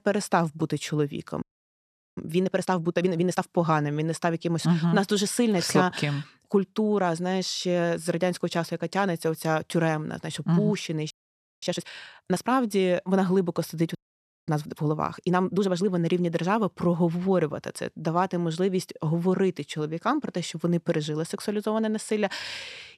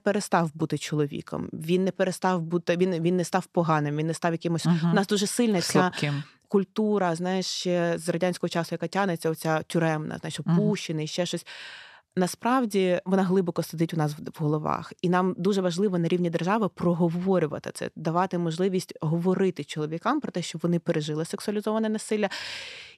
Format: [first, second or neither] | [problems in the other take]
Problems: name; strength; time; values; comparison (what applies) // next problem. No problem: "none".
second | audio freezing; at 1.5 s for 1 s, at 11 s for 0.5 s and at 14 s for 0.5 s